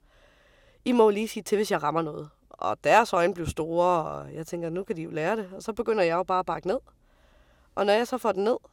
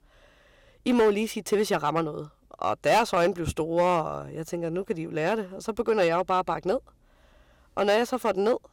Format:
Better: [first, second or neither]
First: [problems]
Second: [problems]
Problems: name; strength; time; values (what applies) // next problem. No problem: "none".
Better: first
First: none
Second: distortion; slight; 3% of the sound clipped